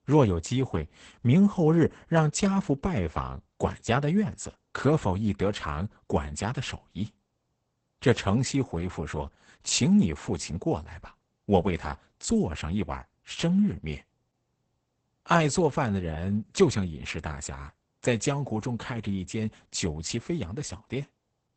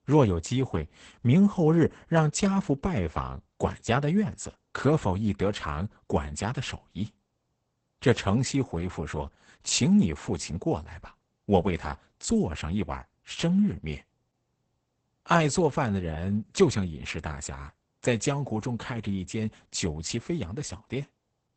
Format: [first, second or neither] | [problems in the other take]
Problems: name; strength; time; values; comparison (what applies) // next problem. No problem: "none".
neither | garbled, watery; badly; nothing above 8 kHz; the same in both